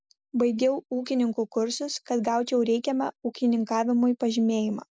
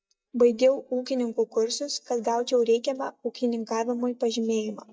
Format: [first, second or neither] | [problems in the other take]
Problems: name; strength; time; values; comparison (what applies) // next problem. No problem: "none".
first | noise reduction (neural mask model DeepFilterNet 3)